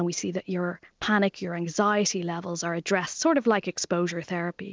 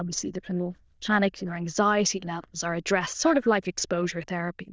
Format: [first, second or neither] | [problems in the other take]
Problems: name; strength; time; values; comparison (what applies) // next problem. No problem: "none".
first | noise reduction (neural diffusion model UNIVERSE++)